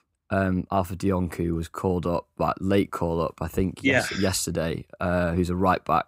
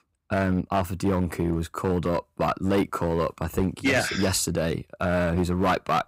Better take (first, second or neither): first